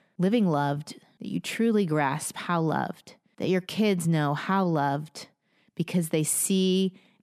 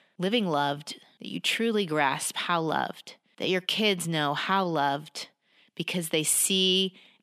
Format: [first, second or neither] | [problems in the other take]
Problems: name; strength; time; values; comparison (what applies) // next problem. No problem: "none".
first | thin; very slightly; fading below 450 Hz